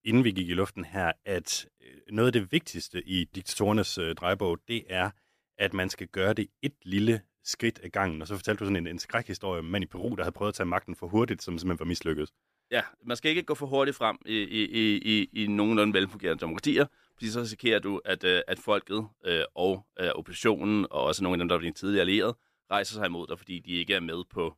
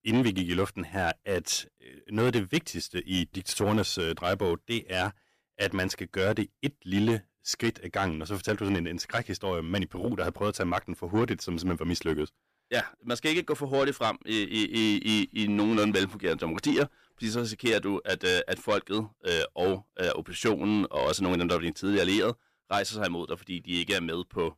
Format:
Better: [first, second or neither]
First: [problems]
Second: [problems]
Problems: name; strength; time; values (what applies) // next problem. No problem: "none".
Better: first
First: none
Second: distortion; slight; 10 dB below the speech